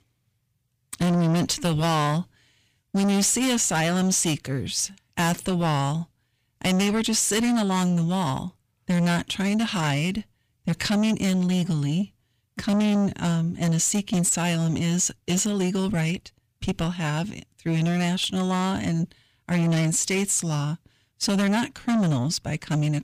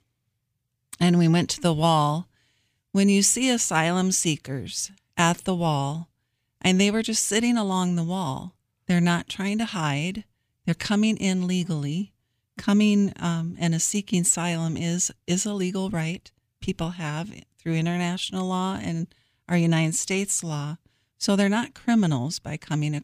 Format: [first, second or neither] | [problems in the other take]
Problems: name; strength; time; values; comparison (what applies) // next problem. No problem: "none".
second | distortion; heavy; 7 dB below the speech